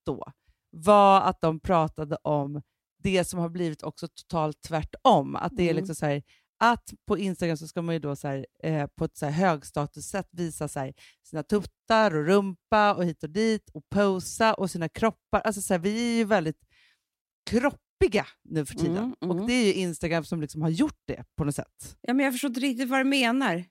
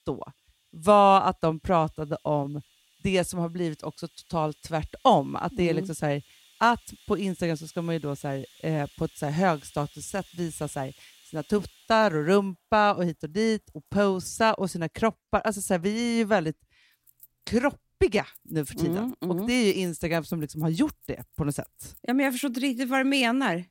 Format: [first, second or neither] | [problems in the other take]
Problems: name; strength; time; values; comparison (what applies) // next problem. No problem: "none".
first | household noises; faint; throughout; 25 dB below the speech